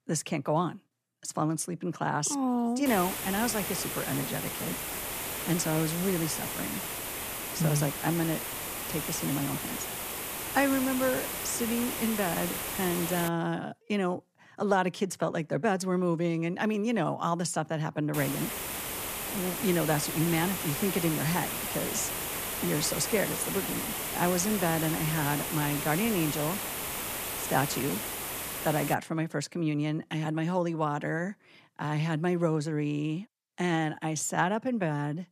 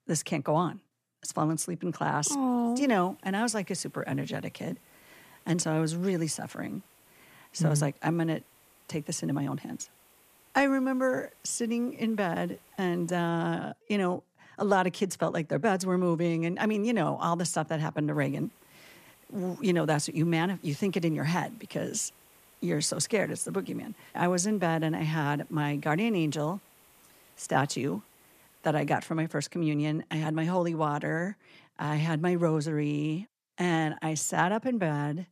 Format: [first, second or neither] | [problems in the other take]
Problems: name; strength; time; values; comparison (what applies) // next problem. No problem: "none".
second | hiss; loud; from 3 to 13 s and from 18 to 29 s; 3 dB below the speech; faint in the second